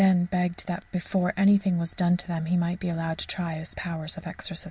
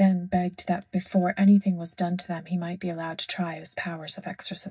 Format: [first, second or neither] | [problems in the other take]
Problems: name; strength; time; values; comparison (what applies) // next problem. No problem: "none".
first | noise reduction (neural mask model DeepFilterNet 3)